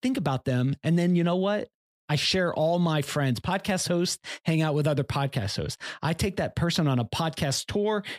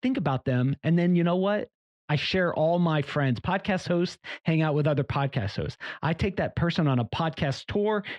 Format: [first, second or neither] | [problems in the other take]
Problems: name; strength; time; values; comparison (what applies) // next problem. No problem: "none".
first | muffled; slightly; fading above 2.5 kHz